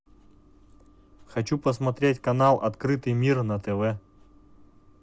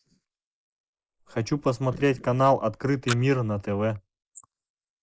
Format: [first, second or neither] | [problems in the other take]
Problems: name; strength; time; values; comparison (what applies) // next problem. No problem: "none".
first | noise reduction (neural mask model Resemble Enhance denoiser)